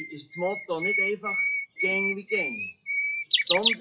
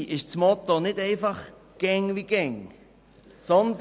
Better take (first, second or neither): second